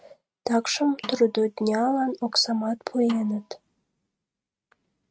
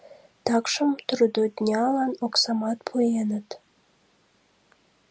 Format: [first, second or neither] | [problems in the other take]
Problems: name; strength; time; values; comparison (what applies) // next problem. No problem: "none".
second | noise reduction (neural mask model RNNoise)